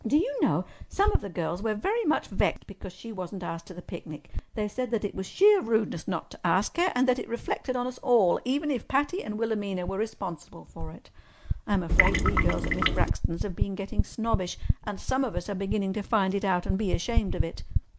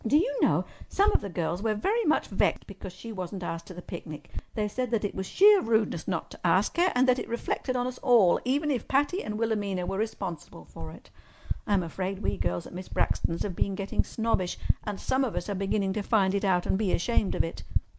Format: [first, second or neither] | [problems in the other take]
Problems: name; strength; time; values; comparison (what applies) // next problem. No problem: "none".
second | background sound (Trickle, dribble / Water tap, faucet); 3 dB above the speech